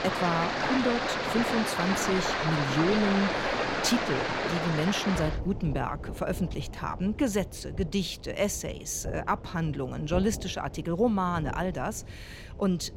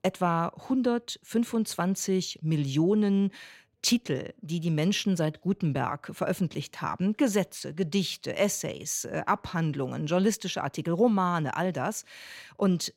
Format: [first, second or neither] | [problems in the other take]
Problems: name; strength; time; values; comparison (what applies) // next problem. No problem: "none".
second | rain or running water; loud; throughout; 1 dB below the speech